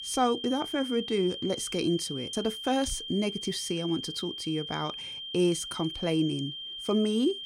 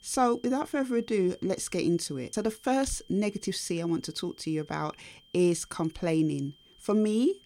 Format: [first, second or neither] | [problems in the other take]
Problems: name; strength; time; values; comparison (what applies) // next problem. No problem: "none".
second | high-pitched whine; loud; throughout; 3 kHz, 6 dB below the speech; faint in the second